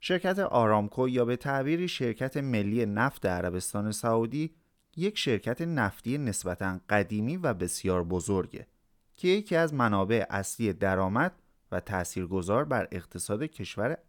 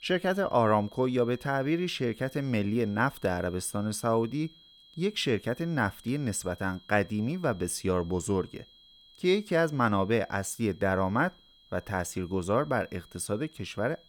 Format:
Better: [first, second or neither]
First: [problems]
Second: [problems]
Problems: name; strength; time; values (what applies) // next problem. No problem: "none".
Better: first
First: none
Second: high-pitched whine; faint; throughout; 3.5 kHz, 25 dB below the speech